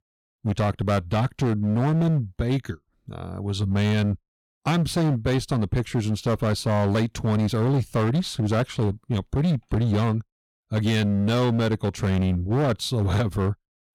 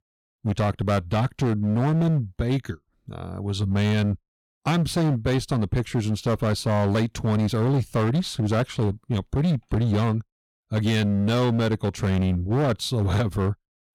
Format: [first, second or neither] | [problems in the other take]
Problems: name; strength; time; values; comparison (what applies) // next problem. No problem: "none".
neither | distortion; slight; 18% of the sound clipped; the same in both